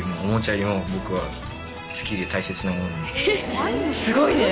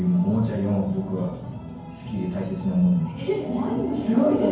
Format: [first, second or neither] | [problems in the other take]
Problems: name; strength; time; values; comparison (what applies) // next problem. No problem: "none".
first | room echo; dies away in 0.9 s